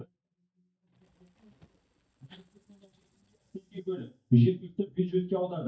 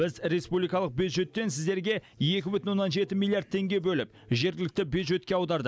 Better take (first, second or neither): second